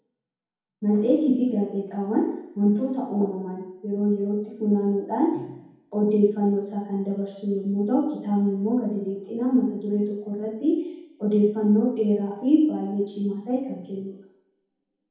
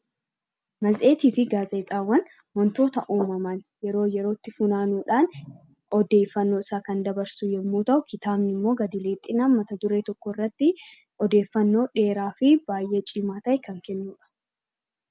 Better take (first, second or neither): second